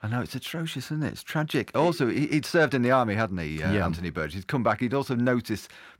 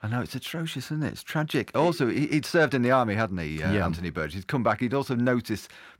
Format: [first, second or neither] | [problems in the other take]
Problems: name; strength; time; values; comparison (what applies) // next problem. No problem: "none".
neither | none